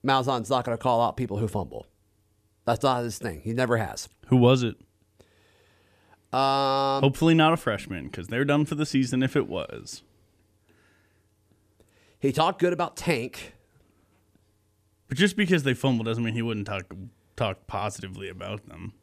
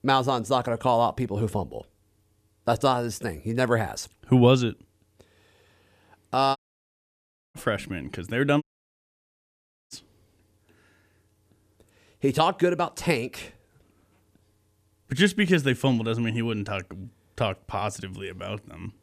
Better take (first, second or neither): first